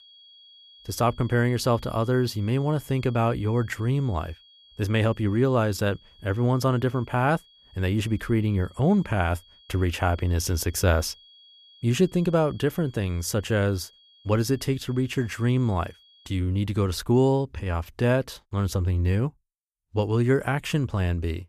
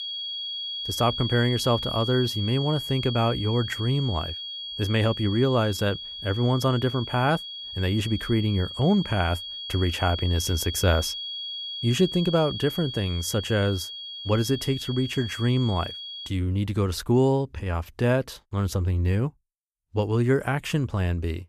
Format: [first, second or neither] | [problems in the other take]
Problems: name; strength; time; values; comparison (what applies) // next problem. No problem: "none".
first | high-pitched whine; loud; until 16 s; 3.5 kHz, 7 dB below the speech; faint in the first